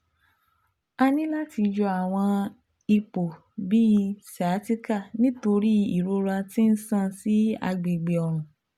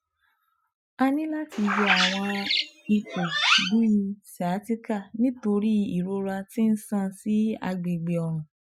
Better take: first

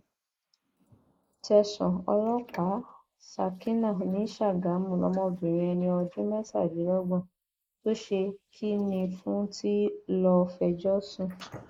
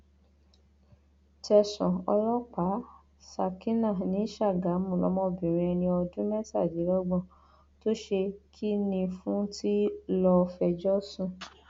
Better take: second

